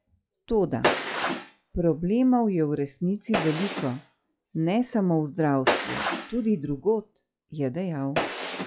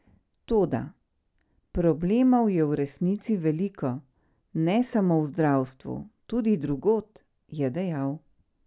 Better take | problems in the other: second | noise reduction (classical method log-MMSE)

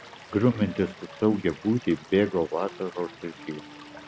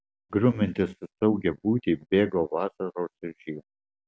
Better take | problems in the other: second | background sound (Stream / Liquid + Wind instrument, woodwind instrument); 18 dB below the speech

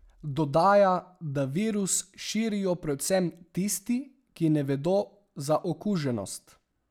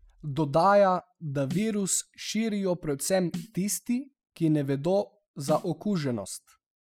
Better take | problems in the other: first | noise reduction (classical method spectral subtraction)

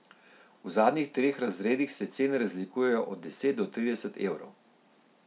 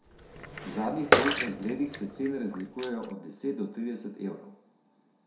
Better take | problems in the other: first | background sound (Bathtub (filling or washing) / Water / Splash, splatter); 3 dB above the speech // room echo; dies away in 0.5 s

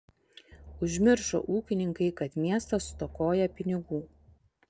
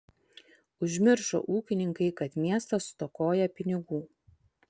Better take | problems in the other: second | background sound (Drum); 20 dB below the speech

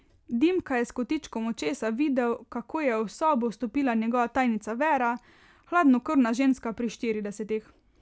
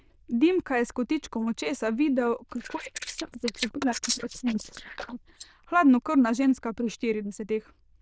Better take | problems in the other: first | noise reduction (neural diffusion model UNIVERSE++)

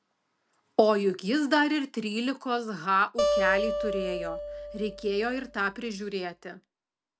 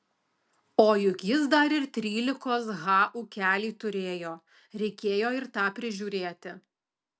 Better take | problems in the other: second | background sound (Acoustic guitar); 3 dB below the speech

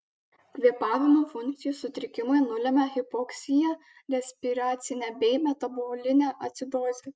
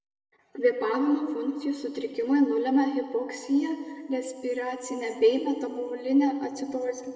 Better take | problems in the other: first | room echo; dies away in 1.7 s

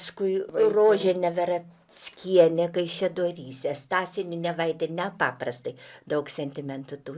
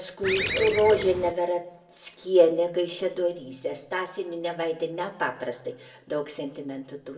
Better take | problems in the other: first | background sound (Bird); 4 dB below the speech // room echo; dies away in 0.7 s

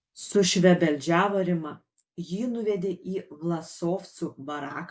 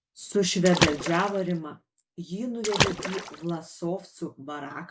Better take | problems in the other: first | background sound (Water / Splash, splatter); 3 dB below the speech

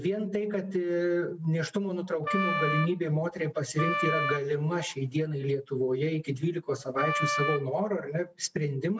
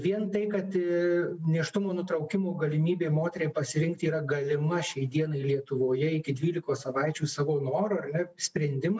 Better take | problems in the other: second | background sound (Wind instrument, woodwind instrument); 2 dB below the speech

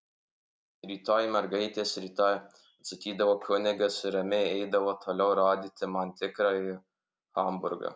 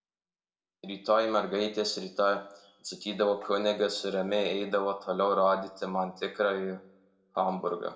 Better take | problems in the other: first | room echo; dies away in 0.5 s

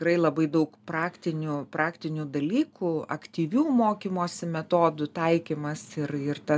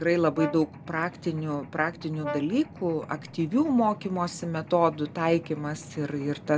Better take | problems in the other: first | background sound (Mechanisms + Brass instrument); 14 dB below the speech

